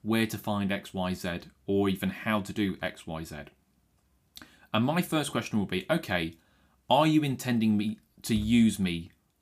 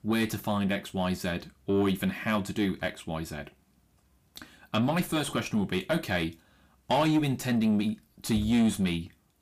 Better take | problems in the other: first | distortion; slight; 10 dB below the speech

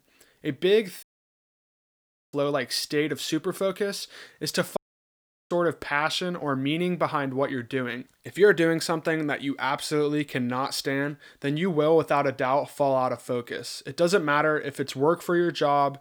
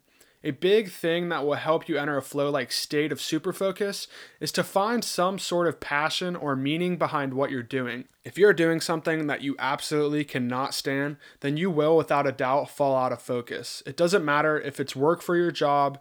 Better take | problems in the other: second | audio cutting out; at 1 s for 1.5 s and at 5 s for 0.5 s

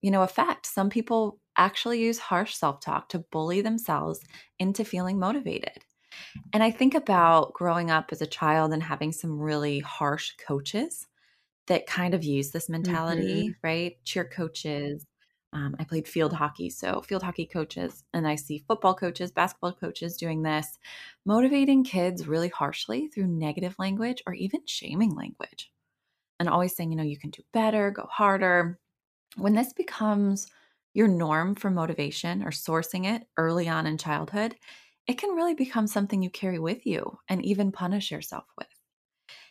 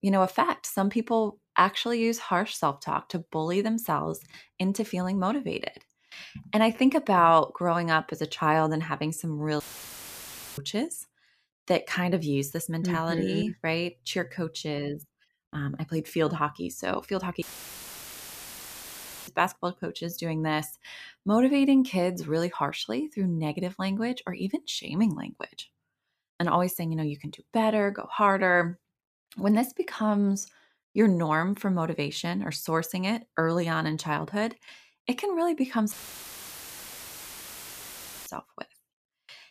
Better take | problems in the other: first | audio cutting out; filled with static; at 9.5 s for 1 s, at 17 s for 2 s and at 36 s for 2.5 s

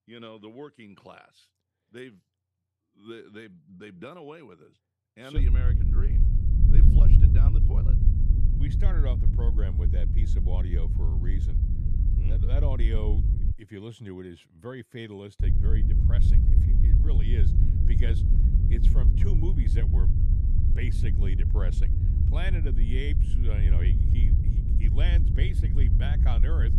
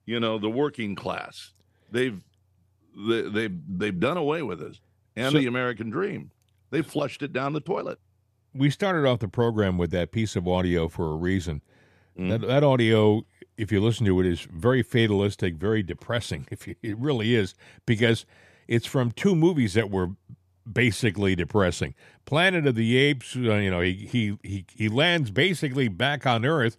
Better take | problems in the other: second | wind noise on the microphone; heavy; from 5.5 to 14 s and from 15 s on; as loud as the speech

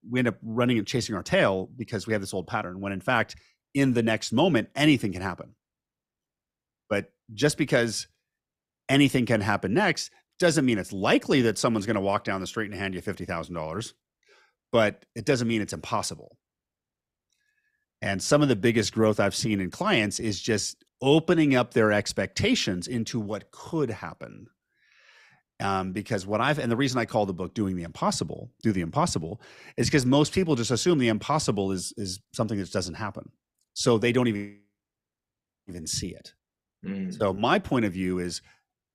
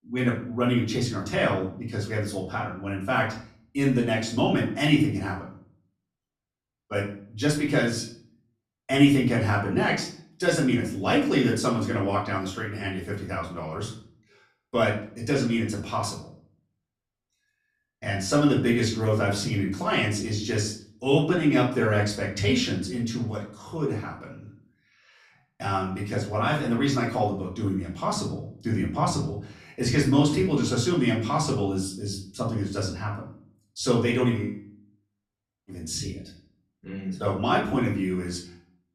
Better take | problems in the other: first | off-mic speech; far // room echo; slight; dies away in 0.4 s

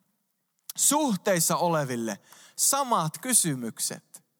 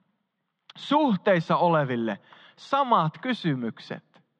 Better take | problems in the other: first | muffled; very; fading above 3.5 kHz

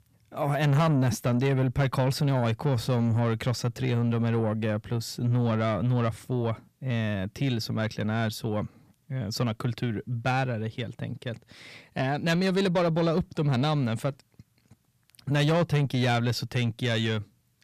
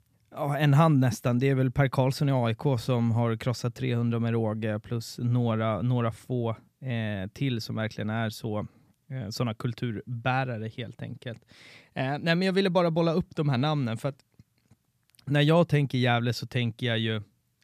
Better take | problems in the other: second | distortion; slight; 10 dB below the speech

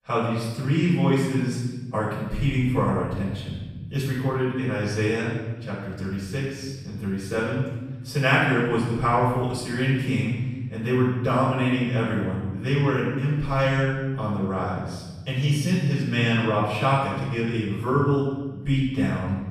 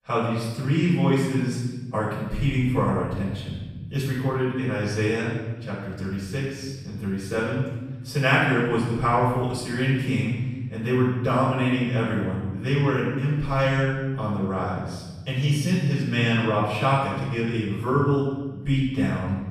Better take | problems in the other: neither | off-mic speech; far; the same in both // room echo; strong; dies away in 1.5 s; the same in both

